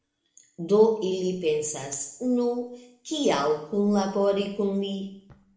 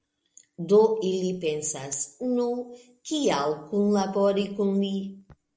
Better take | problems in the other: second | room echo; dies away in 0.6 s

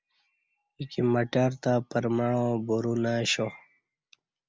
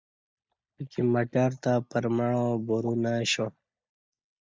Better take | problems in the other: first | noise reduction (neural mask model DeepFilterNet 3)

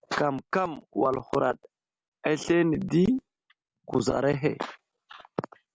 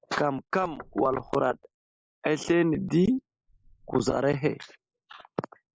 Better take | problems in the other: first | noise reduction (neural mask model Resemble Enhance denoiser)

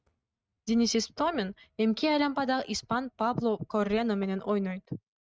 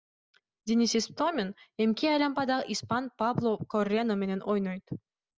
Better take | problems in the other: second | noise reduction (neural mask model RNNoise)

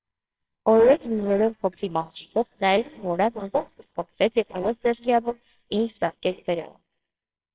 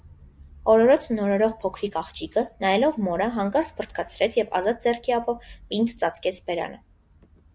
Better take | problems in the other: second | noise reduction (neural separator model SepFormer WHAMR!)

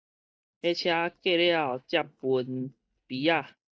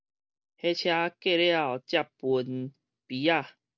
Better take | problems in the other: second | noise reduction (neural mask model DeepFilterNet 3)

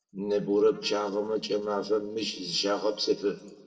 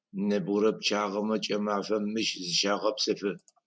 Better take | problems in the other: second | noise reduction (neural separator model SepFormer DNS4)

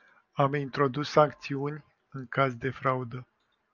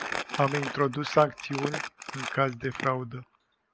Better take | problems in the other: first | background sound (Crumpling, crinkling); 8 dB below the speech

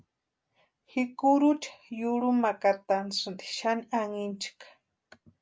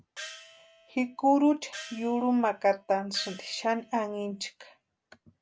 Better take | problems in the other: first | background sound (Gong); 18 dB below the speech

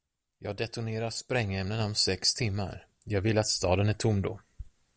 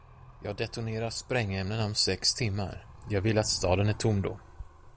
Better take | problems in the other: first | background sound (Animal); 17 dB below the speech

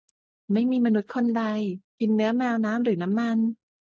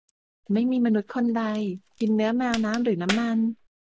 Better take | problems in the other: first | background sound (Crack); 15 dB below the speech

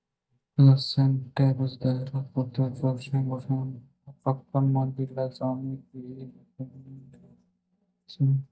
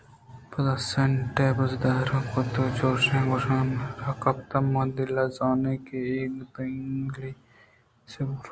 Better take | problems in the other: second | noise reduction (neural mask model DeepFilterNet 3)

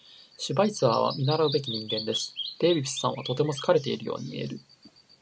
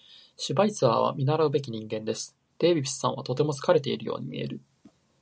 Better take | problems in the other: second | background sound (Bird vocalization, bird call, bird song); 12 dB below the speech

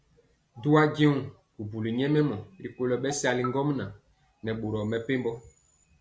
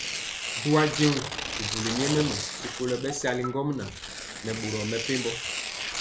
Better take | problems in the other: first | background sound (Tearing); 4 dB below the speech

